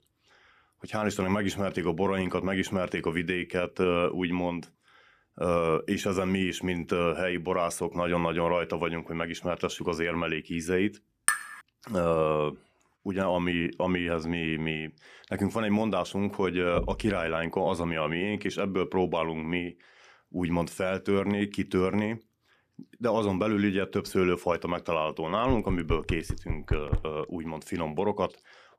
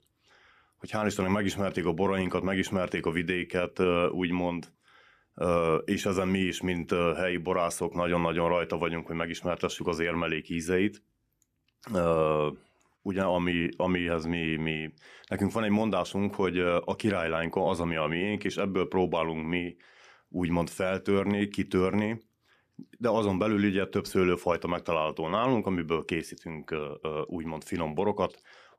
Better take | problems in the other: second | clattering dishes; loud; at 11 s; peak 2 dB above the speech // door banging; noticeable; at 17 s and from 25 to 27 s; peak 3 dB below the speech

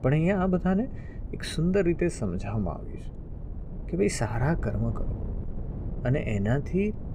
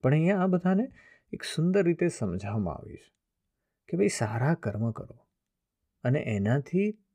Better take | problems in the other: second | wind noise on the microphone; occasional gusts; 15 dB below the speech

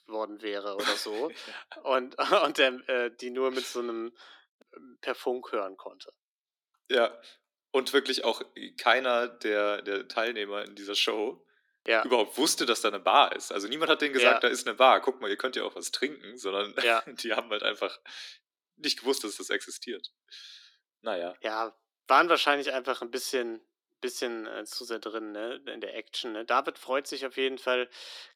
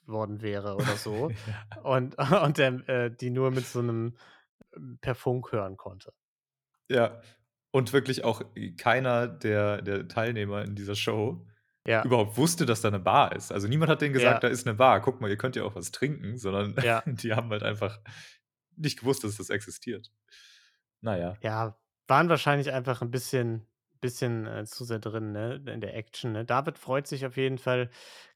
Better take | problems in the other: second | thin; somewhat; fading below 250 Hz

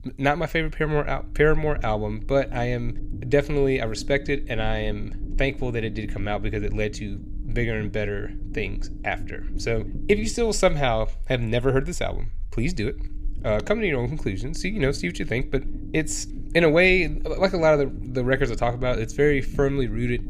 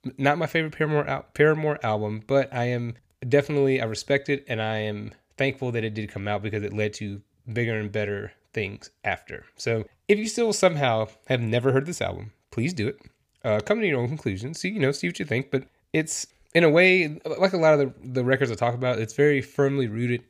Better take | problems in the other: second | low rumble; faint; throughout; 20 dB below the speech

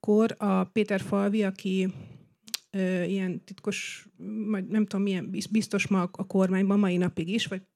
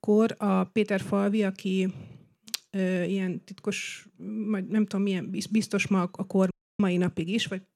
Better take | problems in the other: first | audio cutting out; at 6.5 s

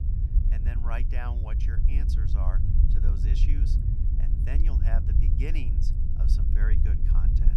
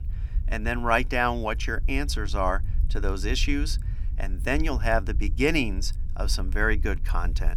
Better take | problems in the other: second | low rumble; loud; throughout; 1 dB below the speech; faint in the second

